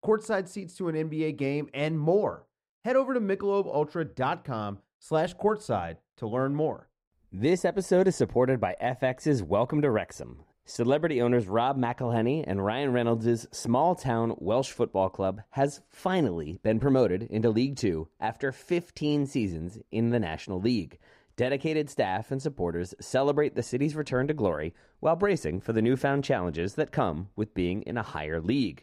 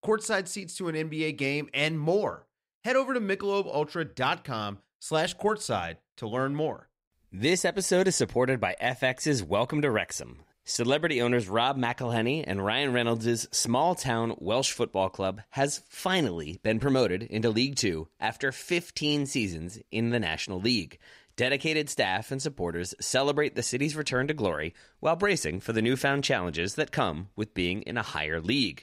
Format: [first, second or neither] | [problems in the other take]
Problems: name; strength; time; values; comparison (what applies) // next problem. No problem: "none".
second | muffled; slightly; fading above 1.5 kHz